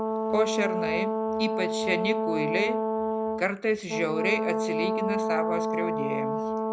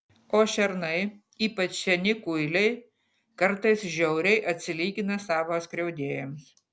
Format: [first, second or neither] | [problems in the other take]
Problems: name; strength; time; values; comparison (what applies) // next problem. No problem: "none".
second | background sound (Brass instrument); 2 dB above the speech